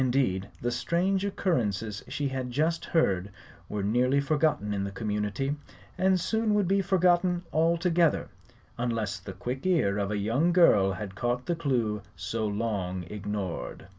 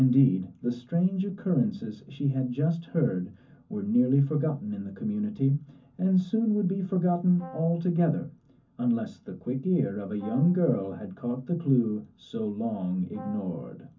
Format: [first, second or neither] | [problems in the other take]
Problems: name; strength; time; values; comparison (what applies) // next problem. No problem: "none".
first | background sound (Brass instrument); 20 dB below the speech // room echo; dies away in 0.3 s